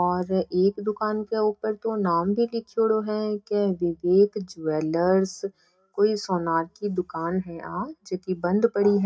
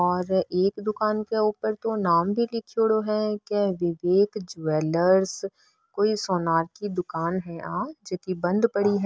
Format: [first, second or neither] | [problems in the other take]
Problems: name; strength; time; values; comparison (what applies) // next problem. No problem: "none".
second | room echo; dies away in 0.3 s